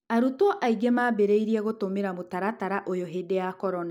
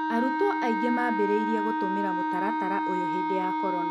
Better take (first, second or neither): first